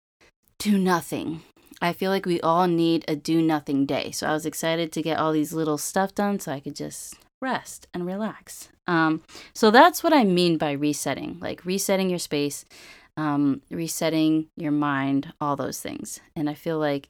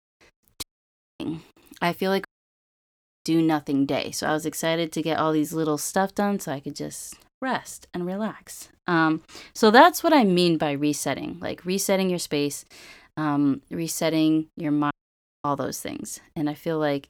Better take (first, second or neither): first